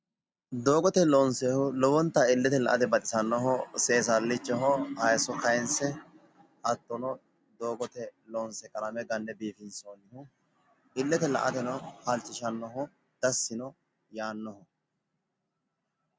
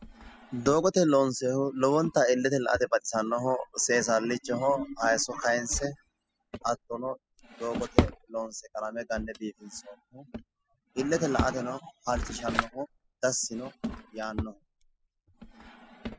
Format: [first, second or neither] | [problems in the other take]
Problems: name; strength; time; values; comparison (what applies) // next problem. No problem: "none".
first | noise reduction (classical method spectral subtraction)